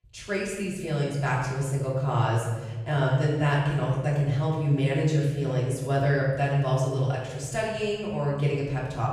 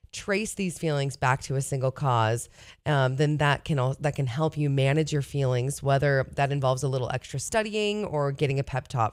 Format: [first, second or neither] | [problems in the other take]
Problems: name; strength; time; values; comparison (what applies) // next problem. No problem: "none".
second | off-mic speech; far // room echo; noticeable; dies away in 1.4 s